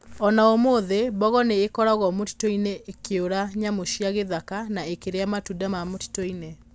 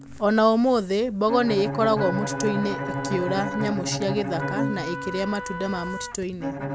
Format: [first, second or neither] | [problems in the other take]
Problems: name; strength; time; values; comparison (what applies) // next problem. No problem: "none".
first | background sound (Trumpet + Bowed string instrument); 6 dB below the speech